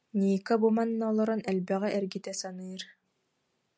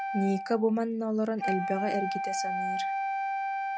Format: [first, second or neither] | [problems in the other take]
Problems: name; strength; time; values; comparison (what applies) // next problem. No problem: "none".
first | background sound (Wind instrument, woodwind instrument); 1 dB below the speech